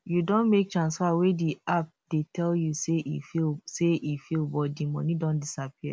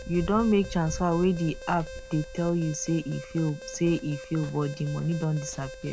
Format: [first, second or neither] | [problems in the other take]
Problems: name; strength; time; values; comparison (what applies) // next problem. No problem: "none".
first | background sound (Run + Alarm); 13 dB below the speech